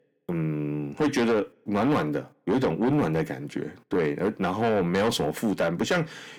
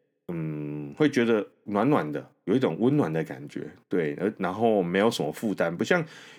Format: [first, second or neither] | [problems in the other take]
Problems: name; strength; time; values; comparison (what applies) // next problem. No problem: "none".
second | distortion; heavy; 7 dB below the speech